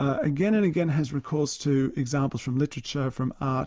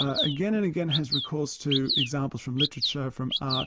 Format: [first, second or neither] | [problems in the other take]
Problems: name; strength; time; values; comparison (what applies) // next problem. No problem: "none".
first | background sound (Bird vocalization, bird call, bird song); 3 dB below the speech